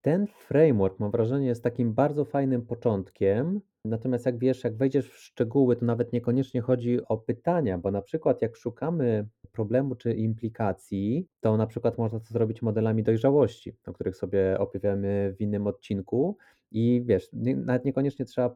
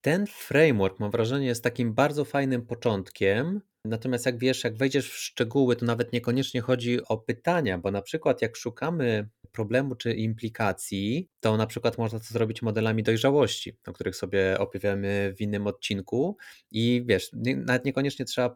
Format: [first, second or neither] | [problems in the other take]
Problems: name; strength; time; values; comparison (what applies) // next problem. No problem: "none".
second | muffled; very; fading above 1.5 kHz